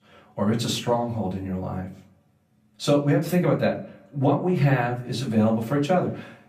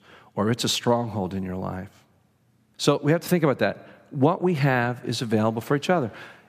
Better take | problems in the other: second | off-mic speech; far // room echo; slight; dies away in 0.3 s

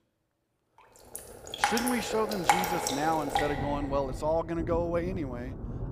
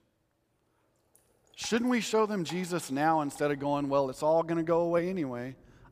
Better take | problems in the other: second | rain or running water; loud; from 1 s on; 1 dB below the speech; faint in the second

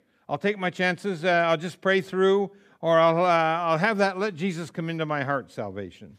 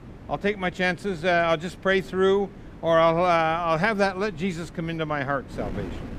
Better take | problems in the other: first | wind noise on the microphone; occasional gusts; 25 dB below the speech

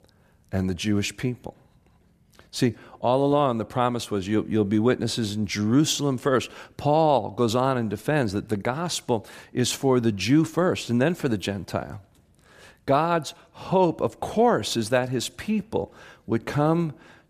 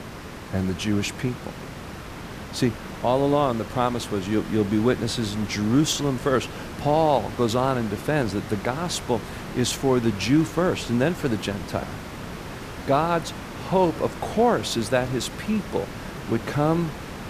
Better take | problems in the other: first | hiss; noticeable; throughout; 10 dB below the speech

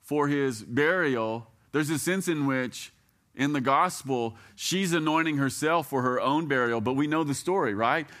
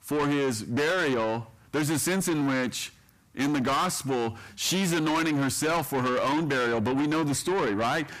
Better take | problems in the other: first | distortion; heavy; 6 dB below the speech

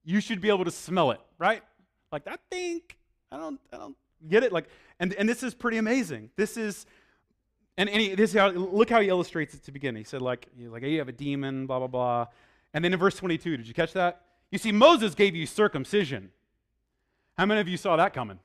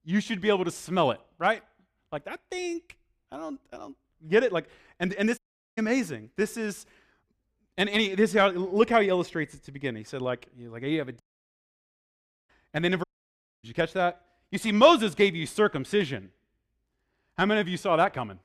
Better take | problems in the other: first | audio cutting out; at 5.5 s, at 11 s for 1.5 s and at 13 s for 0.5 s

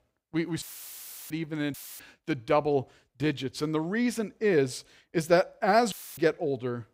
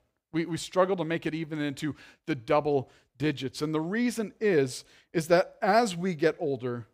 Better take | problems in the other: second | audio cutting out; filled with static; at 0.5 s for 0.5 s, at 1.5 s and at 6 s

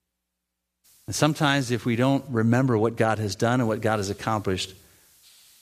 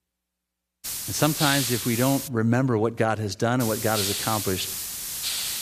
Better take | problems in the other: first | hiss; loud; from 1 to 2.5 s and from 3.5 s on; 3 dB below the speech; faint in the first

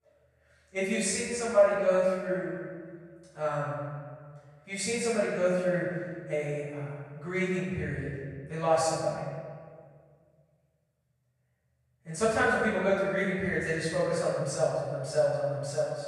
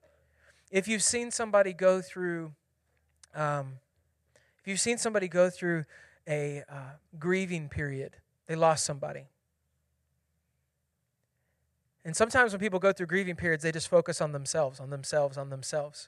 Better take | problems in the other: second | off-mic speech; far // room echo; strong; dies away in 1.6 s

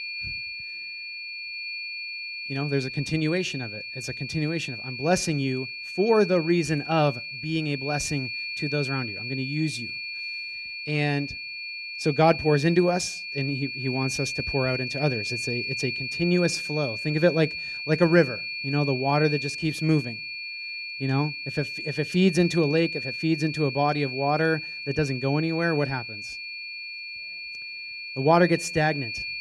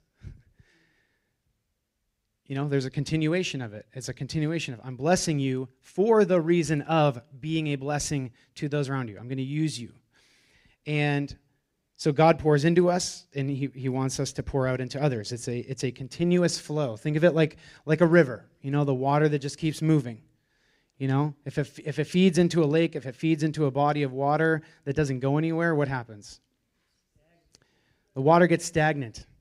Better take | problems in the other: second | high-pitched whine; loud; throughout; 2.5 kHz, 6 dB below the speech

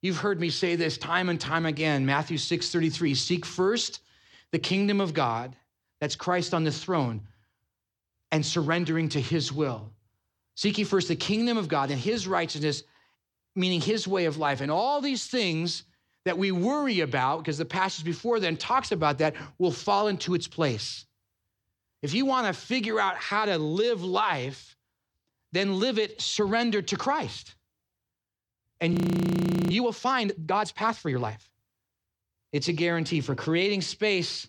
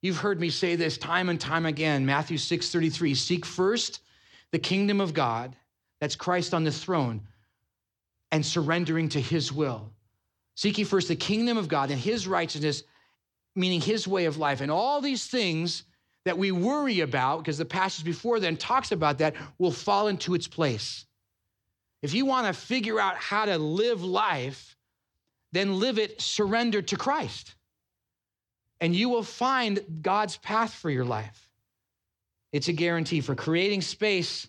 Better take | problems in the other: second | audio freezing; at 29 s for 1 s

